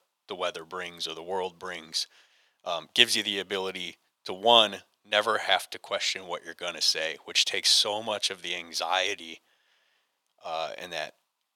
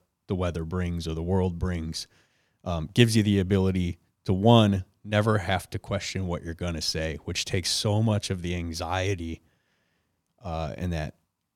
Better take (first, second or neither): second